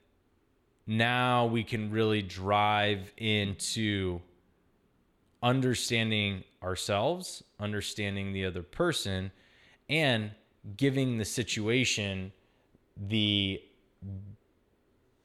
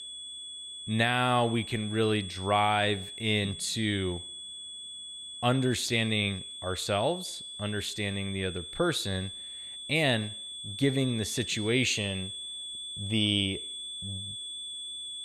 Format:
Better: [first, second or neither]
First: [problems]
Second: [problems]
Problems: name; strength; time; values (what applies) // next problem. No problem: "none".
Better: first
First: none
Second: high-pitched whine; loud; throughout; 3.5 kHz, 9 dB below the speech